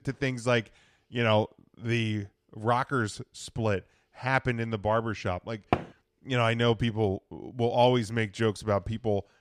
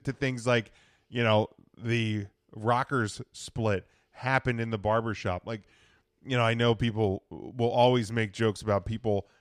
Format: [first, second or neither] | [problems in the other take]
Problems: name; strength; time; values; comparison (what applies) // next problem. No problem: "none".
second | door banging; noticeable; at 5.5 s; peak 3 dB below the speech